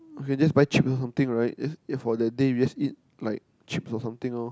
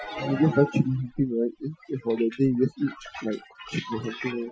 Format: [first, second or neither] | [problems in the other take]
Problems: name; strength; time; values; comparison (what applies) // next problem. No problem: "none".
first | noise reduction (classical method Wiener filter)